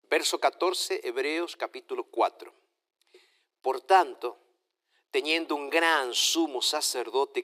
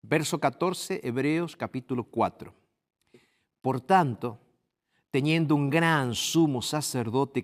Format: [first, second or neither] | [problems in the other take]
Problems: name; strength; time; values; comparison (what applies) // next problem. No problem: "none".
second | thin; very; fading below 350 Hz